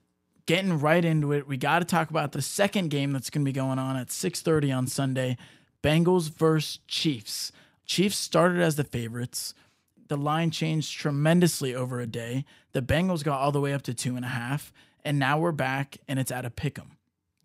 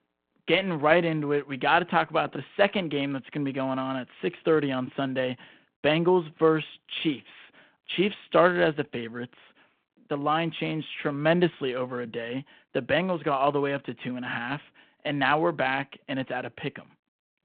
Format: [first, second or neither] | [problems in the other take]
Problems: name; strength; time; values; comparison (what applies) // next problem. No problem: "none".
first | phone-call audio